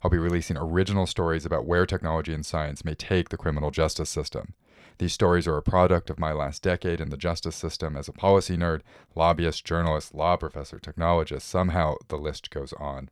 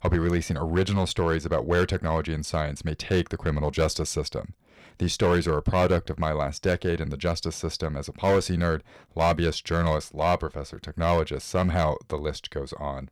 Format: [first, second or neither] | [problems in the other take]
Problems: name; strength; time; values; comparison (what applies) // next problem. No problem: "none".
first | distortion; slight; 4% of the sound clipped